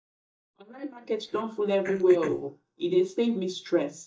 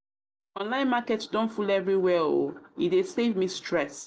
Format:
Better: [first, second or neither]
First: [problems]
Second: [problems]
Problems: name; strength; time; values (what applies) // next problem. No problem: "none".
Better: second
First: noise reduction (neural mask model DeepFilterNet 3)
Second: none